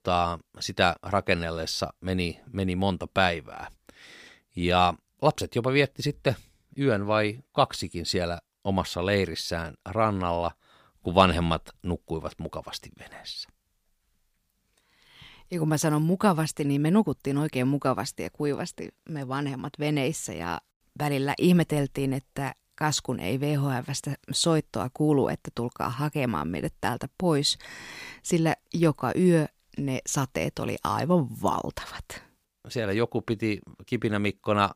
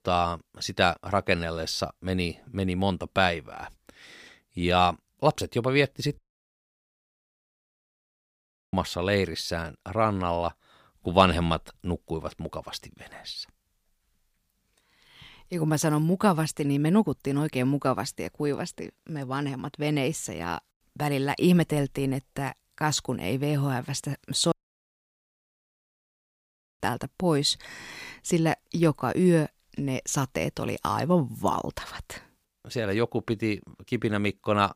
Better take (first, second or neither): first